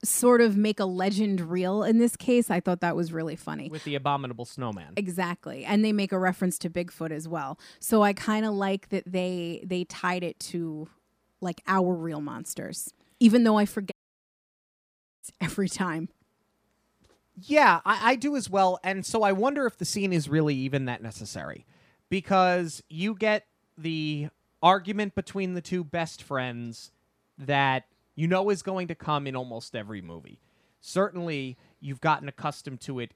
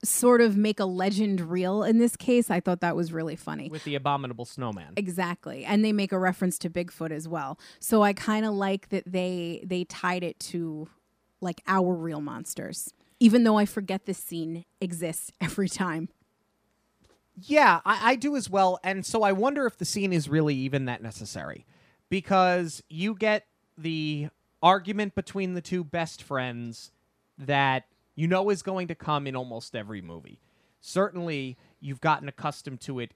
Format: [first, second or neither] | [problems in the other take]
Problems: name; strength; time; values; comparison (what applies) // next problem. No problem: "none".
second | audio cutting out; at 14 s for 1.5 s